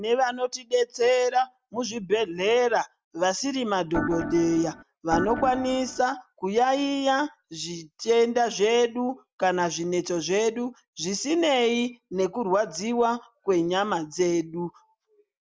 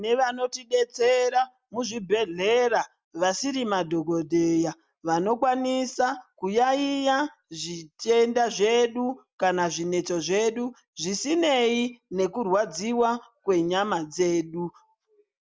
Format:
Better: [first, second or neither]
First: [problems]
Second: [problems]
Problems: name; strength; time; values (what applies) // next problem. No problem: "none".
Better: second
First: background sound (Organ); 6 dB below the speech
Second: none